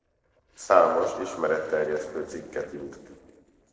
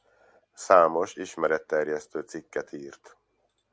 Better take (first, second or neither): second